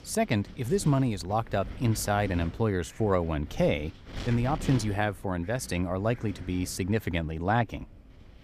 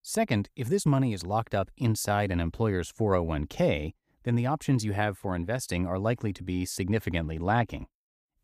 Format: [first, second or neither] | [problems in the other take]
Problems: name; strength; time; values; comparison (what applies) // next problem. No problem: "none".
second | wind noise on the microphone; occasional gusts; 15 dB below the speech